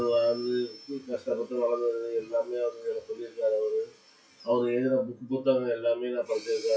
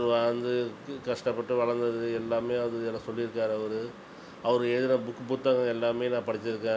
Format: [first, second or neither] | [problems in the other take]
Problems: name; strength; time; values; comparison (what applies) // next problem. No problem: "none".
second | noise reduction (classical method WPE with log-MMSE)